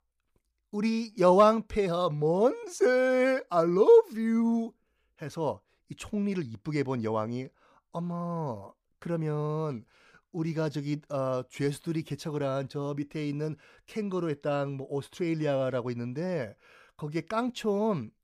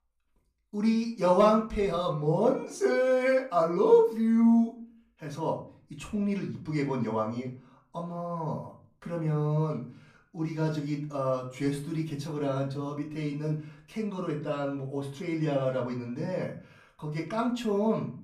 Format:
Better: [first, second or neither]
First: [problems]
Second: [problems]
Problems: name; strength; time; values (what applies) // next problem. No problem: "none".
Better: first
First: none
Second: off-mic speech; far // room echo; slight; dies away in 0.4 s